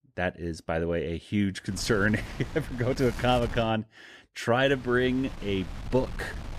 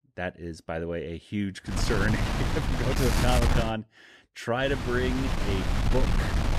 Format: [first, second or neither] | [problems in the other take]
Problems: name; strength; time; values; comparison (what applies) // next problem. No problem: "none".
first | wind noise on the microphone; heavy; from 1.5 to 3.5 s and from 4.5 s on; 1 dB below the speech; occasional gusts in the first